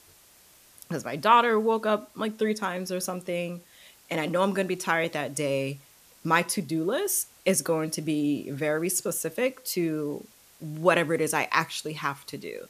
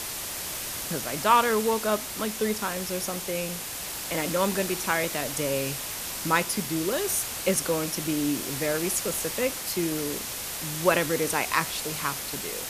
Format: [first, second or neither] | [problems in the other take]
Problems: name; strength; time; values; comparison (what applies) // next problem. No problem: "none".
first | hiss; loud; throughout; 4 dB below the speech; faint in the first